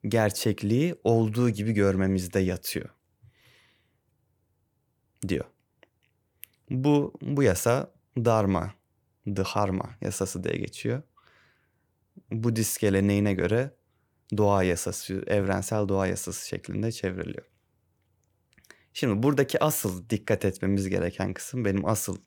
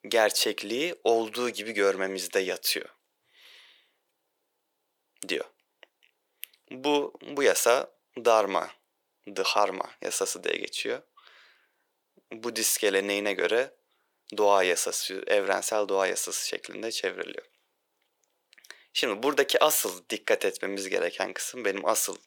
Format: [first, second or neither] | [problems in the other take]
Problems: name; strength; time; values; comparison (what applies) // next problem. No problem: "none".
first | thin; very; fading below 450 Hz